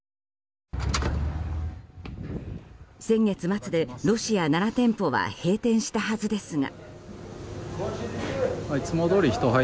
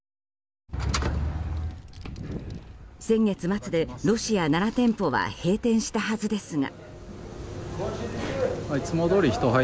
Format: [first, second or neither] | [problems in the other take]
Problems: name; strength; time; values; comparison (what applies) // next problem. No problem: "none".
first | background sound (Wind); 20 dB below the speech